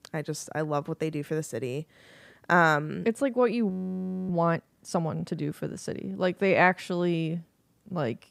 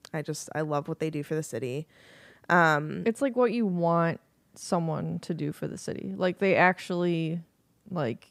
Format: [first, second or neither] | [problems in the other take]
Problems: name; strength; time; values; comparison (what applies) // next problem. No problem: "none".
second | audio freezing; at 3.5 s for 0.5 s